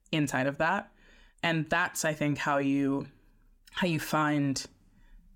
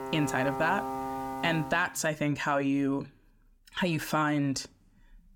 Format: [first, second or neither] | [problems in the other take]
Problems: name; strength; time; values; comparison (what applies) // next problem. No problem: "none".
first | background music; loud; until 2 s; 7 dB below the speech